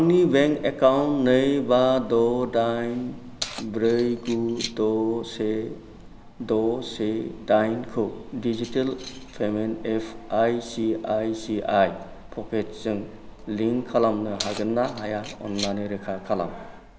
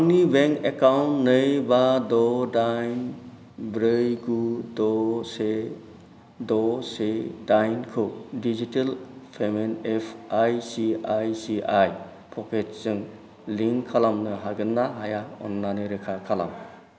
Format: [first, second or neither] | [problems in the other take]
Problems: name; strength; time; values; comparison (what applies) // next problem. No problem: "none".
second | background sound (Keys jangling); 17 dB below the speech